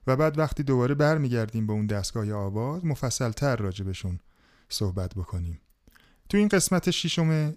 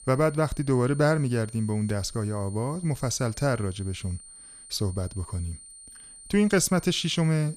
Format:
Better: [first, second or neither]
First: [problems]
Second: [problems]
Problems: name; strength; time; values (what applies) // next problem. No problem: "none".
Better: first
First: none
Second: high-pitched whine; noticeable; throughout; 9 kHz, 20 dB below the speech